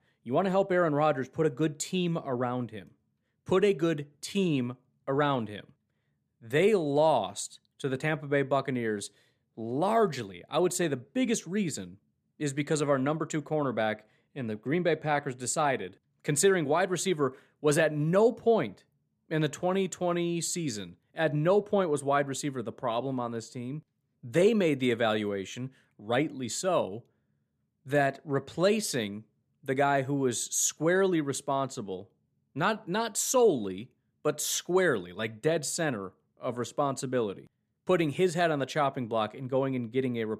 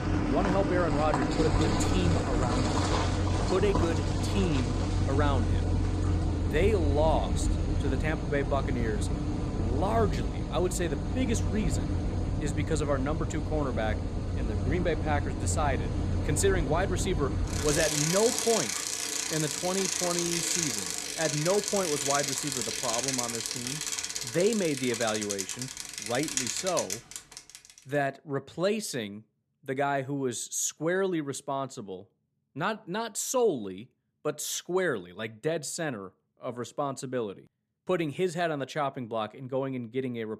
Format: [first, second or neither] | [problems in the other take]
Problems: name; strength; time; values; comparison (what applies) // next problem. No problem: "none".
first | traffic noise; very loud; until 27 s; 1 dB above the speech